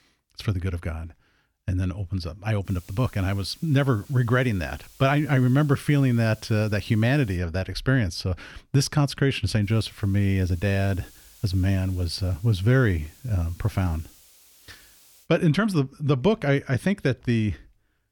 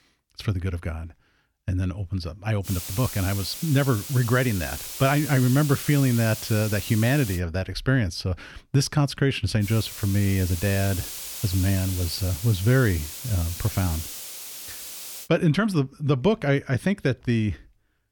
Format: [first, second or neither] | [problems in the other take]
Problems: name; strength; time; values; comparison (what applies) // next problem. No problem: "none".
first | hiss; loud; from 2.5 to 7.5 s and from 9.5 to 15 s; 9 dB below the speech; faint in the first